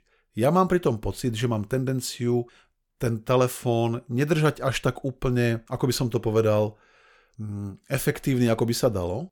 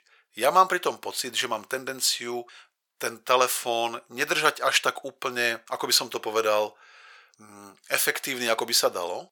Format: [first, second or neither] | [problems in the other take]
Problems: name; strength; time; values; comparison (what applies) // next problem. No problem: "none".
first | thin; very; fading below 850 Hz